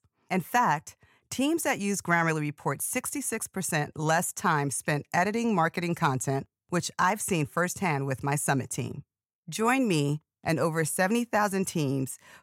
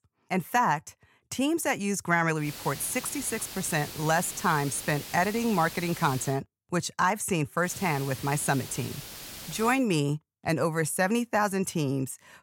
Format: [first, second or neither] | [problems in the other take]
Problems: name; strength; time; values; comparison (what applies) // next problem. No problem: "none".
first | hiss; noticeable; from 2.5 to 6.5 s and from 7.5 to 10 s; 10 dB below the speech